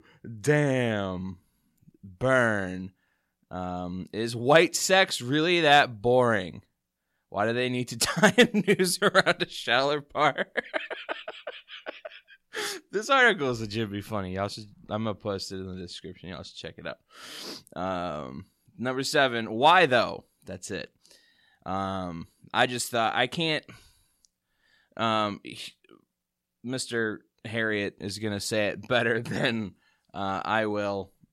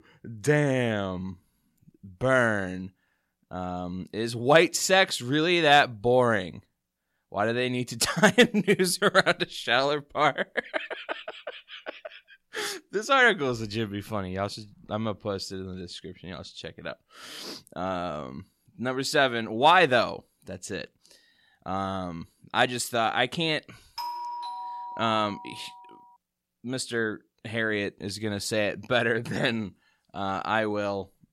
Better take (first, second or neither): first